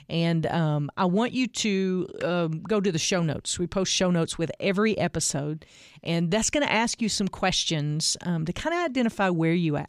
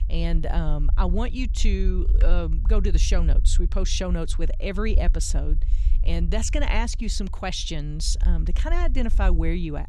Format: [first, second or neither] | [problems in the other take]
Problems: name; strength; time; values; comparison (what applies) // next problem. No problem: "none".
first | low rumble; noticeable; throughout; 15 dB below the speech